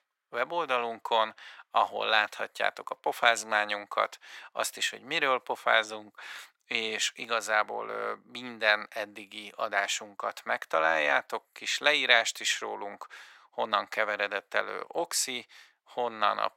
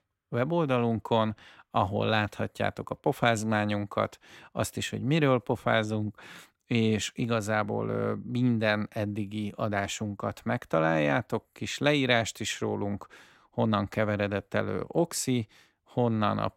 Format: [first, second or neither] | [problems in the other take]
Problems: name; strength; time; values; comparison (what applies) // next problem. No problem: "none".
second | thin; very; fading below 800 Hz